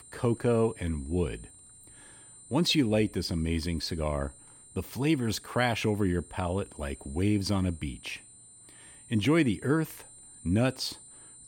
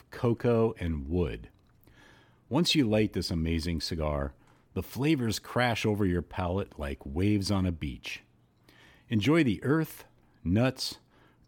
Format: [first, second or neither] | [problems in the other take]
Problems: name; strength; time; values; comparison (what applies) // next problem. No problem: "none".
second | high-pitched whine; noticeable; throughout; 9 kHz, 20 dB below the speech